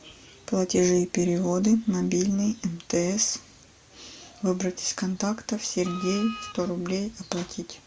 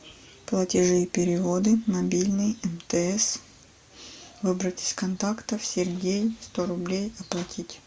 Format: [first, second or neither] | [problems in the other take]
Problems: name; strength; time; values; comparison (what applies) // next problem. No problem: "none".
second | background sound (Wind instrument, woodwind instrument); 14 dB below the speech